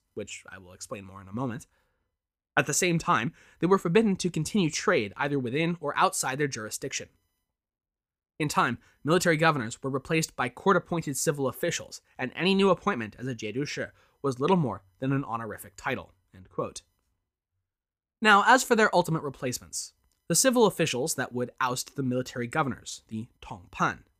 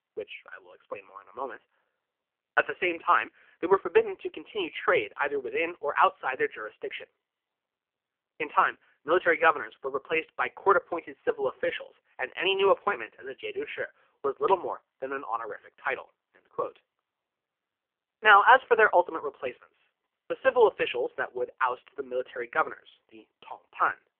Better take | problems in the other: first | phone-call audio; poor line; nothing above 3 kHz

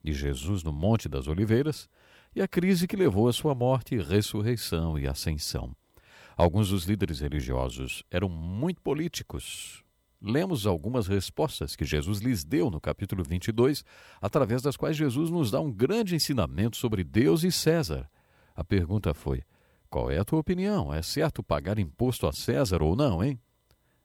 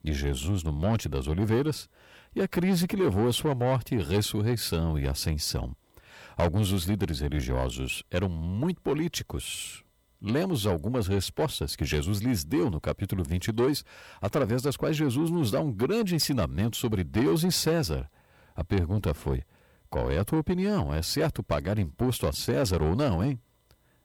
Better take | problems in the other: first | distortion; slight; 10 dB below the speech

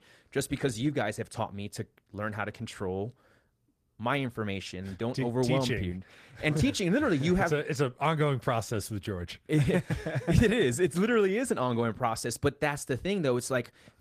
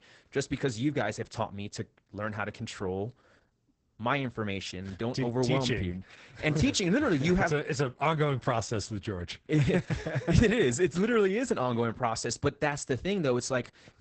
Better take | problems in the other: first | garbled, watery; badly; nothing above 8 kHz; slightly in the first

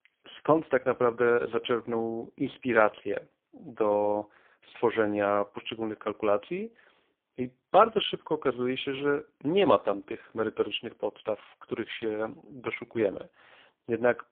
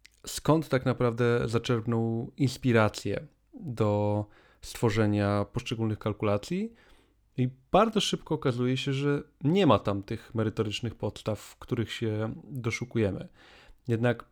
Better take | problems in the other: second | phone-call audio; poor line; nothing above 3.5 kHz

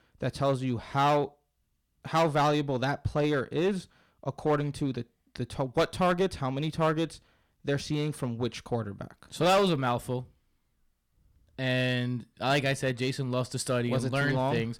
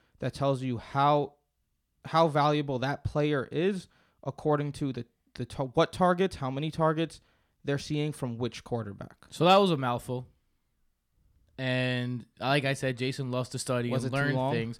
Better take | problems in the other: second | distortion; slight; 6% of the sound clipped

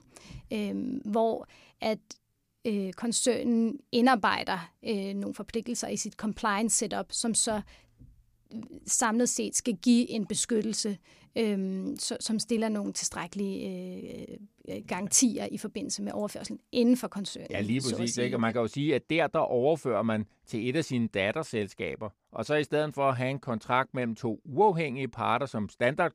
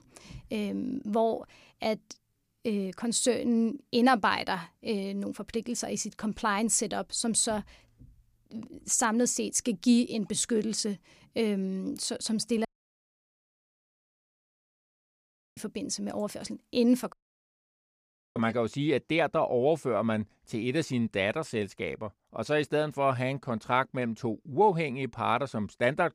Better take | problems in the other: first | audio cutting out; at 13 s for 3 s and at 17 s for 1 s

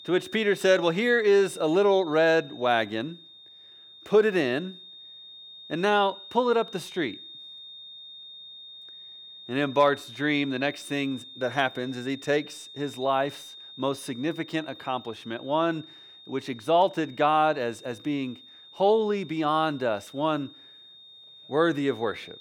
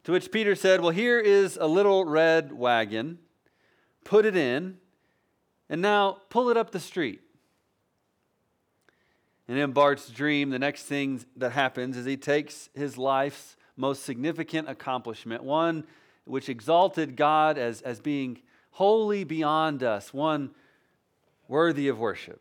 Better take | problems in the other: second | high-pitched whine; noticeable; throughout; 3.5 kHz, 20 dB below the speech

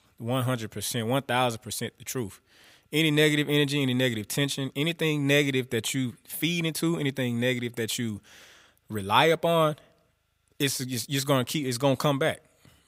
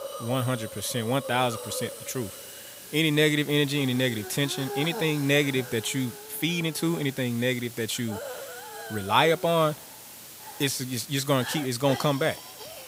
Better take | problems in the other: first | hiss; noticeable; throughout; 10 dB below the speech

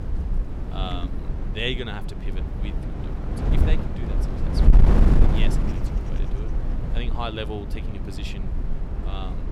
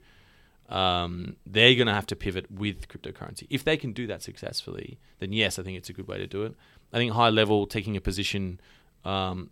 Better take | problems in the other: second | wind noise on the microphone; heavy; 2 dB below the speech

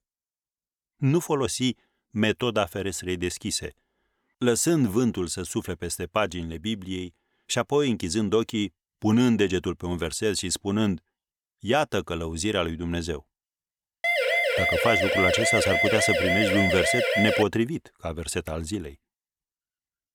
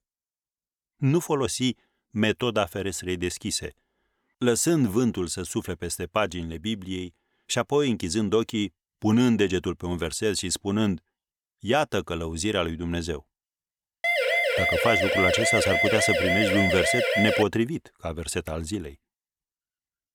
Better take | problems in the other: neither | siren; loud; from 14 to 17 s; peak 5 dB above the speech; the same in both

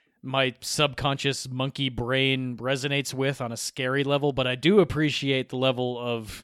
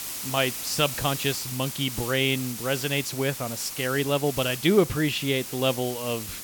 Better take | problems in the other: first | hiss; loud; throughout; 7 dB below the speech

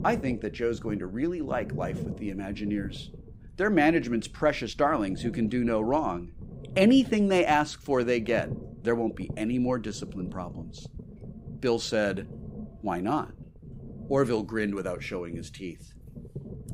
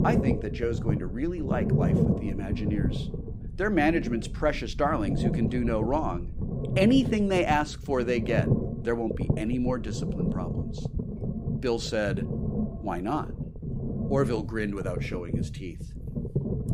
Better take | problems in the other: first | low rumble; loud; throughout; 8 dB below the speech; faint in the first

